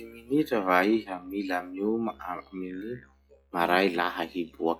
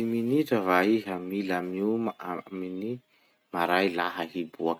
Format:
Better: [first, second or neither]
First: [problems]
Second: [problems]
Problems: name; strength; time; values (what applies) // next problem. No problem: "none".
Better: second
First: noise reduction (classical method log-MMSE)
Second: none